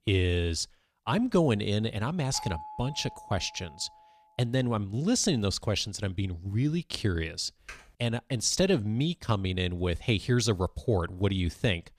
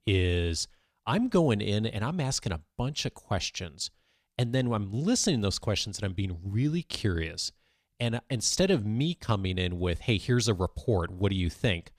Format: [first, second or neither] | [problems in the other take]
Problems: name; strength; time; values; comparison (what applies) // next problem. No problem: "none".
second | doorbell; faint; from 2.5 to 4 s; peak 10 dB below the speech // keyboard typing; faint; at 7.5 s; peak 20 dB below the speech